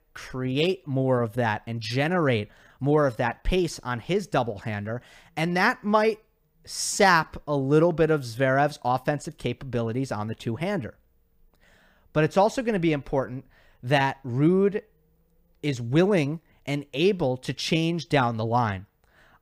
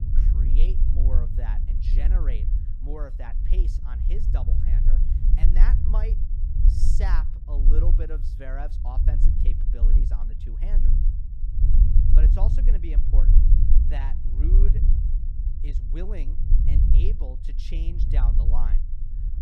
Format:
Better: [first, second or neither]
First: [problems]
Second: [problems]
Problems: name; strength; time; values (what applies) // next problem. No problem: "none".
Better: first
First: none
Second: low rumble; loud; throughout; 2 dB below the speech